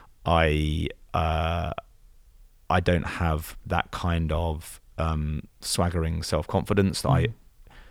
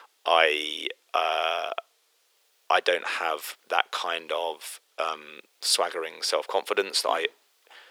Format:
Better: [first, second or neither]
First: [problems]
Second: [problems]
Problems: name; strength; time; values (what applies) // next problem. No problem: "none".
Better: first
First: none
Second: thin; very; fading below 400 Hz